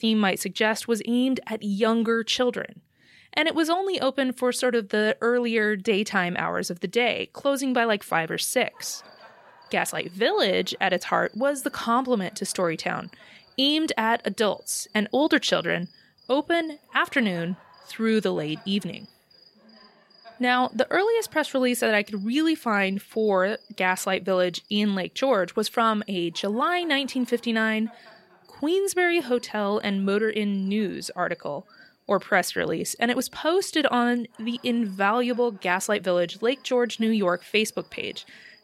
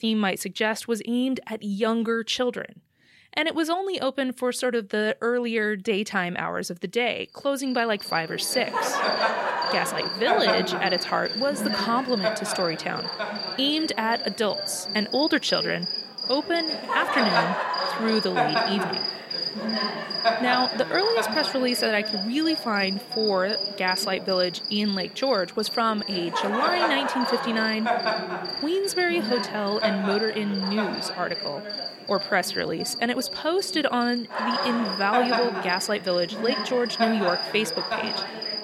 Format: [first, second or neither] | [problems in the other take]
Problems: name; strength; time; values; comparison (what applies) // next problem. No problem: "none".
first | animal sounds; loud; from 8 s on; 1 dB below the speech; faint in the first